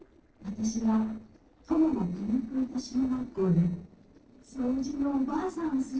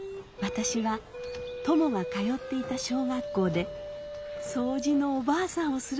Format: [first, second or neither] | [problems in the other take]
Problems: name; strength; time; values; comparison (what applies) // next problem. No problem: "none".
second | noise reduction (neural separator model SepFormer DNS4)